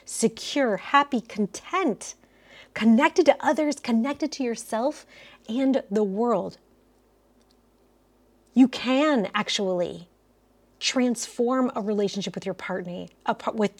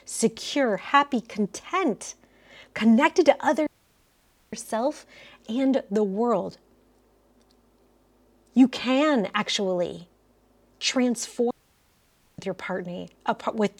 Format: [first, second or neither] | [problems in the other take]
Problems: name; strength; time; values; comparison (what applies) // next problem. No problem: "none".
first | audio cutting out; at 3.5 s for 1 s and at 12 s for 1 s